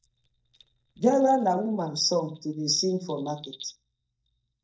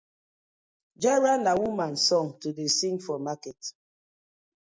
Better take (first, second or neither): second